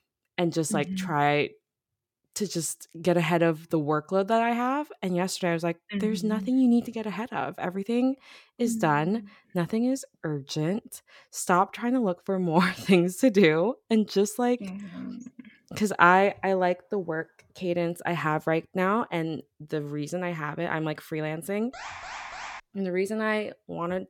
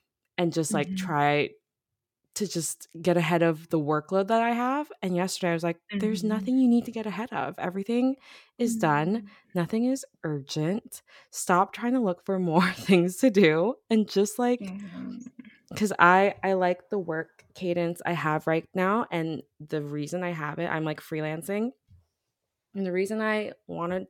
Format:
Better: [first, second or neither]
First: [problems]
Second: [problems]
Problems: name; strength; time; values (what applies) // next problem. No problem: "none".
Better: second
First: alarm; faint; at 22 s; peak 10 dB below the speech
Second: none